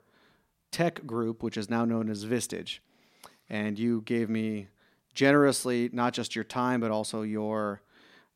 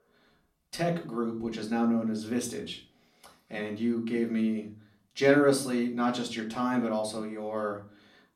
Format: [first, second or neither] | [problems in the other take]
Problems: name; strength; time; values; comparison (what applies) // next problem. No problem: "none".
first | off-mic speech; far // room echo; slight; dies away in 0.3 s